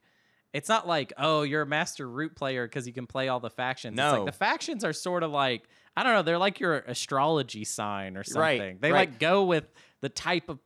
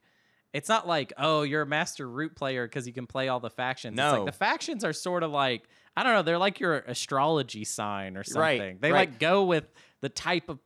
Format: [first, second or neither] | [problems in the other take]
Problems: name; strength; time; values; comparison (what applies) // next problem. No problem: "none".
neither | none